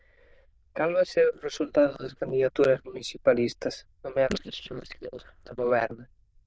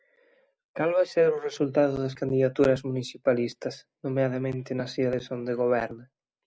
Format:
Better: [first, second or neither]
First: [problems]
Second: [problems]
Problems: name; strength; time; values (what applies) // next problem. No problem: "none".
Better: second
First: noise reduction (neural diffusion model UNIVERSE++)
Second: none